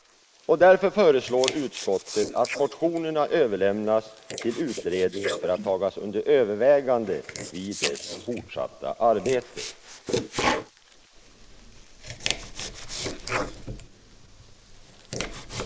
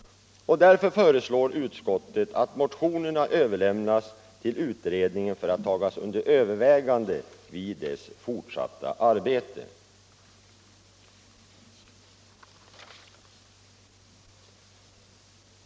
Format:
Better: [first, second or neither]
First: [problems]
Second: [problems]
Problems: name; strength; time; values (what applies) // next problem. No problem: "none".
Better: second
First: noise reduction (neural mask model Resemble Enhance denoiser)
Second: none